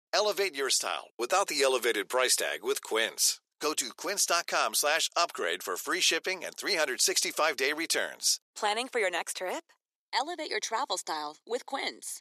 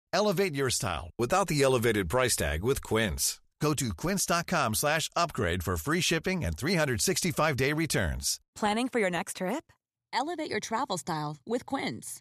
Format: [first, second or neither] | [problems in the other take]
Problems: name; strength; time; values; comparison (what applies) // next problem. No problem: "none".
second | thin; very; fading below 350 Hz